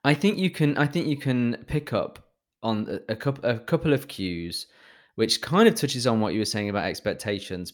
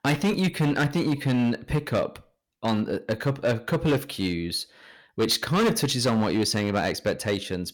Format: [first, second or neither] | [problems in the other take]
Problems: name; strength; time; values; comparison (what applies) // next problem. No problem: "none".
first | distortion; heavy; 10% of the sound clipped